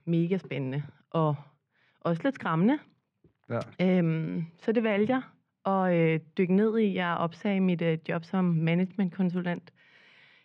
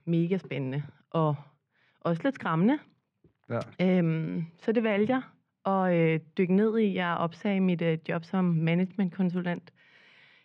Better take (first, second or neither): neither